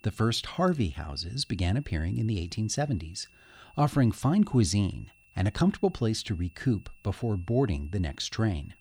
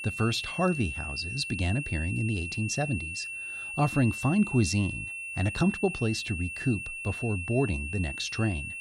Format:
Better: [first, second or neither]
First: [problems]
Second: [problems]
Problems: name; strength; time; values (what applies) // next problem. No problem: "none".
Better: first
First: high-pitched whine; faint; throughout; 2.5 kHz, 30 dB below the speech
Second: high-pitched whine; loud; throughout; 2.5 kHz, 5 dB below the speech